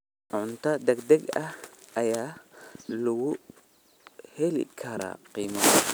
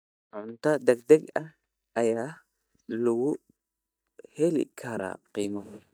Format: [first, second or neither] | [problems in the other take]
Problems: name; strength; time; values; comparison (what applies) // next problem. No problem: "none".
first | noise reduction (neural mask model DeepFilterNet 3)